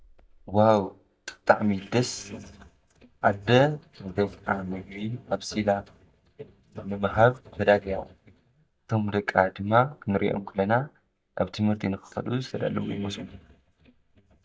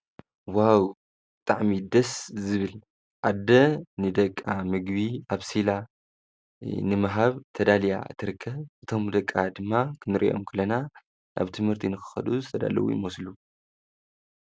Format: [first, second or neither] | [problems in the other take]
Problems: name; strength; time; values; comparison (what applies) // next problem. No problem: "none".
second | noise reduction (neural mask model DeepFilterNet 3)